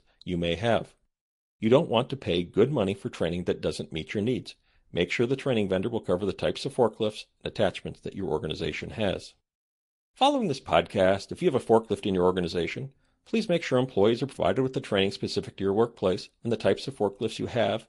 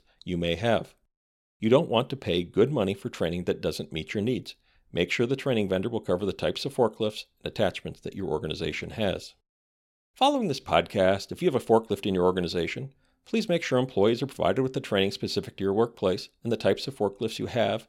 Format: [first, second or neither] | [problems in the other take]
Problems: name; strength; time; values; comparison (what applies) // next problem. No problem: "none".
second | garbled, watery; slightly; nothing above 11 kHz